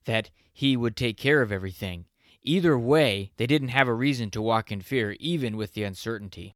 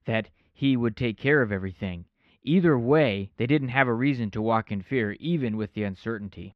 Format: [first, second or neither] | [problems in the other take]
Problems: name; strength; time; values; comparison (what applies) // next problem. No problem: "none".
first | muffled; slightly; fading above 2 kHz